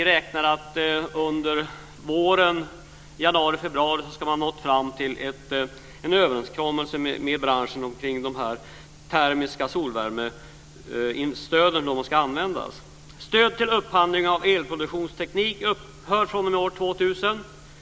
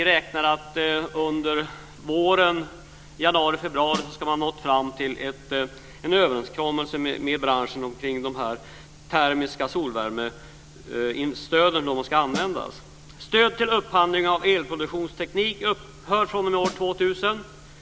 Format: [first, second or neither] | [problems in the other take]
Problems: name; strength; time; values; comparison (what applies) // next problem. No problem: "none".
first | background sound (Snare drum); 11 dB below the speech